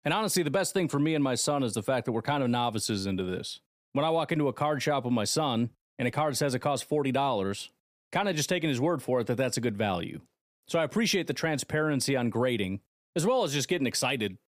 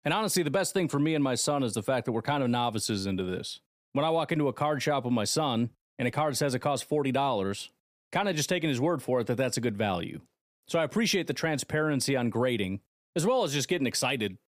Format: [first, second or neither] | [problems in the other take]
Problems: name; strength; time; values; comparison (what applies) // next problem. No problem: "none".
neither | none